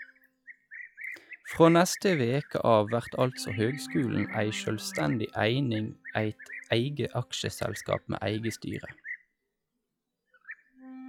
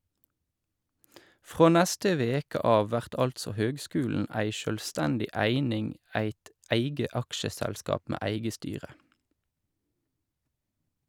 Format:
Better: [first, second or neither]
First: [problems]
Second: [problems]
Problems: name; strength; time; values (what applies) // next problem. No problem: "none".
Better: second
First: noise reduction (classical method log-MMSE)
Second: none